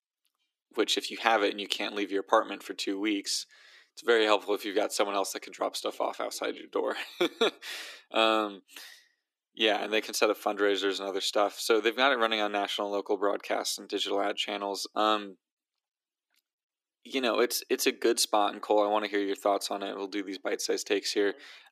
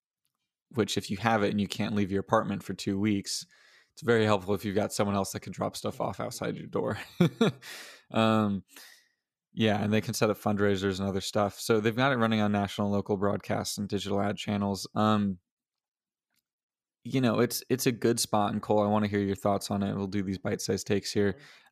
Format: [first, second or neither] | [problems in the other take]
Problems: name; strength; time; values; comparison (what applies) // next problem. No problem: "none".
second | thin; somewhat; fading below 300 Hz